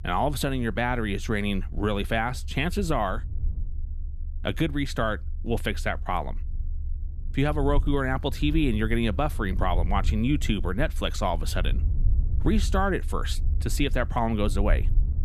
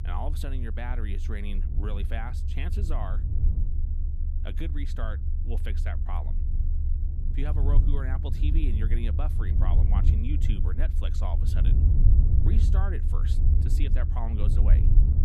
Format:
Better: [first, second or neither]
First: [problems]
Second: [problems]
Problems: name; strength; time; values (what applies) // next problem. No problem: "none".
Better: first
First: low rumble; faint; throughout; 20 dB below the speech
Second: low rumble; loud; throughout; 3 dB below the speech